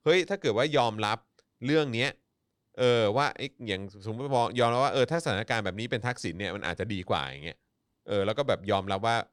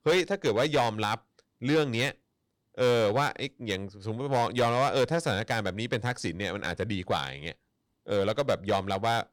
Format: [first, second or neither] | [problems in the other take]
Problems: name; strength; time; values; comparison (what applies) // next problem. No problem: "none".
first | distortion; slight; 5% of the sound clipped